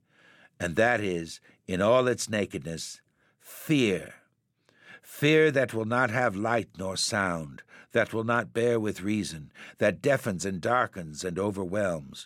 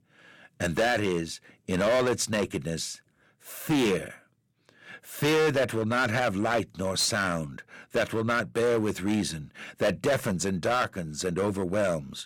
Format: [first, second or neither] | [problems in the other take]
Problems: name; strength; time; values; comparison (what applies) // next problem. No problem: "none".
first | distortion; heavy; 10% of the sound clipped